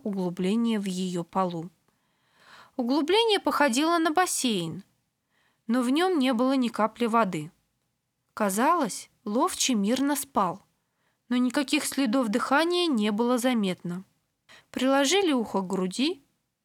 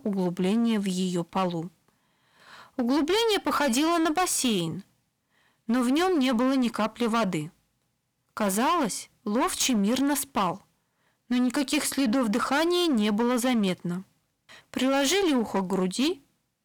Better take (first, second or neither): first